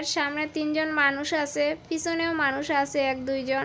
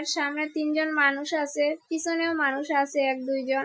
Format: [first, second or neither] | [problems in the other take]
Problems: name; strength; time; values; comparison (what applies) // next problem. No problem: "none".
first | noise reduction (classical method Wiener filter)